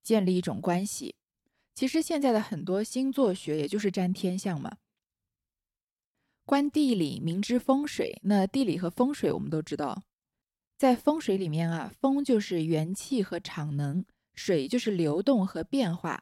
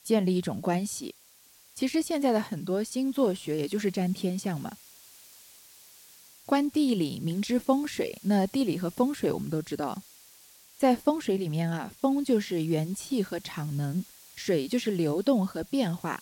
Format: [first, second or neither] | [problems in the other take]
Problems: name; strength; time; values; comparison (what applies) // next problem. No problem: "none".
first | hiss; faint; throughout; 20 dB below the speech